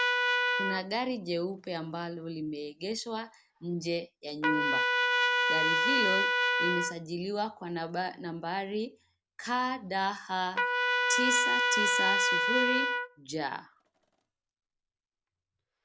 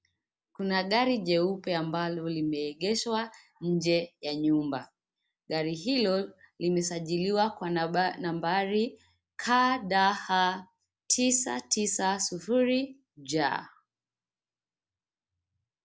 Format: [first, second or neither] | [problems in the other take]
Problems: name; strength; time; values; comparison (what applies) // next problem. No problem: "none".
second | background sound (Trumpet); 4 dB above the speech